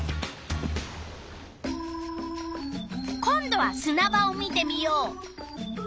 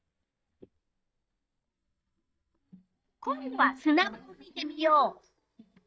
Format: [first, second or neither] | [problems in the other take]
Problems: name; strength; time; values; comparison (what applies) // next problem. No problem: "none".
first | noise reduction (neural mask model DeepFilterNet 3)